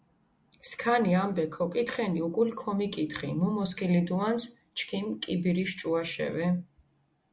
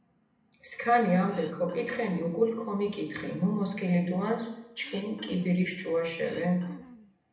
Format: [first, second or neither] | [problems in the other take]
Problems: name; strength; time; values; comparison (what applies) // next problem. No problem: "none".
first | background sound (Cough); 20 dB below the speech // room echo; dies away in 0.8 s